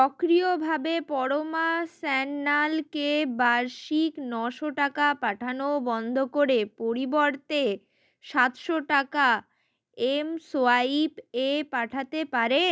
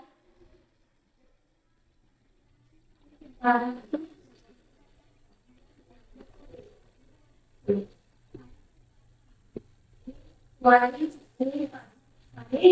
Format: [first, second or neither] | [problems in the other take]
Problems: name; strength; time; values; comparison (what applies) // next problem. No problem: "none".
first | noise reduction (neural mask model DeepFilterNet 3)